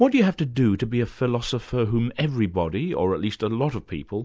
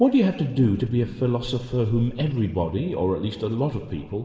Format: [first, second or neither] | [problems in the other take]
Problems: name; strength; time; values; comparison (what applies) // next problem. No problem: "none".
first | room echo; dies away in 1.6 s